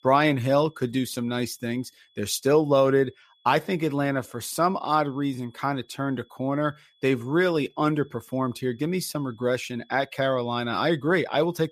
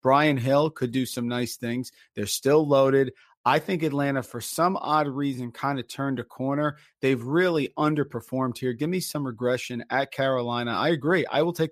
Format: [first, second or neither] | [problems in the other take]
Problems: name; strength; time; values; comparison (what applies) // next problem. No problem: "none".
second | high-pitched whine; faint; throughout; 3.5 kHz, 35 dB below the speech